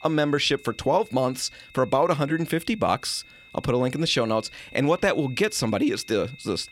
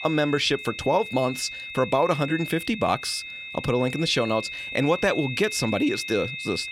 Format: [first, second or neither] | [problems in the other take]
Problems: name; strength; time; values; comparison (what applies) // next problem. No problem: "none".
first | high-pitched whine; loud; throughout; 2.5 kHz, 8 dB below the speech; faint in the first